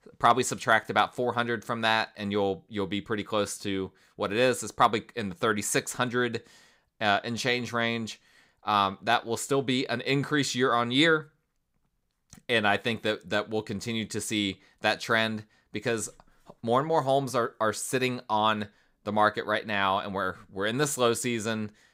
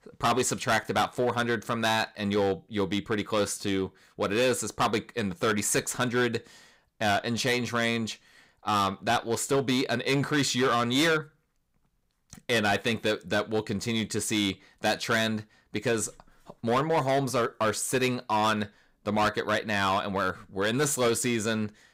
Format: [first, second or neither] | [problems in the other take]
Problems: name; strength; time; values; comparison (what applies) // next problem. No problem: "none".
first | distortion; heavy; 8% of the sound clipped